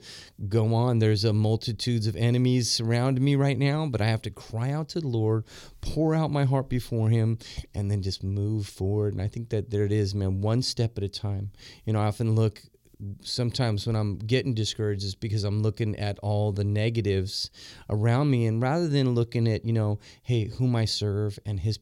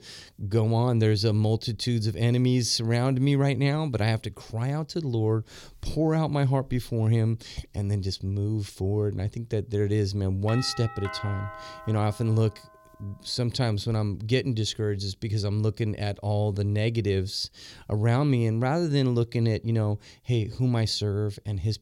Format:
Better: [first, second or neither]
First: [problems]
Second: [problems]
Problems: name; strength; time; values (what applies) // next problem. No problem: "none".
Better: first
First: none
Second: doorbell; faint; from 10 to 13 s; peak 10 dB below the speech